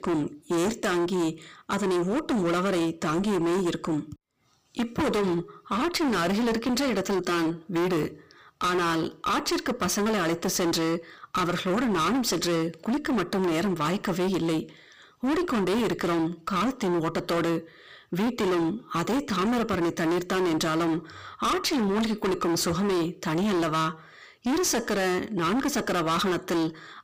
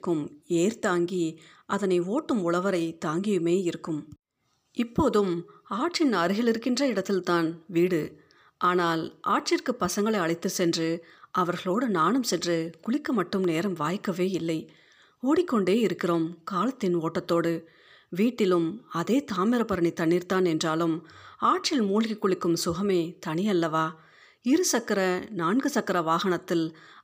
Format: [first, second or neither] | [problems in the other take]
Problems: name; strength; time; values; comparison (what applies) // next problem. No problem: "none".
second | distortion; heavy; 32% of the sound clipped